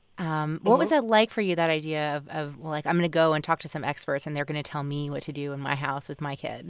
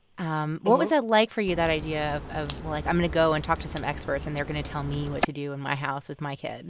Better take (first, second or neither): first